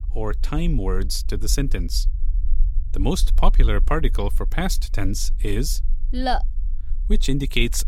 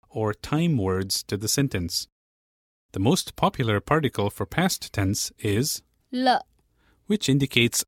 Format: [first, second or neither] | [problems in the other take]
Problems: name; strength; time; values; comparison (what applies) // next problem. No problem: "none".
second | low rumble; faint; throughout; 25 dB below the speech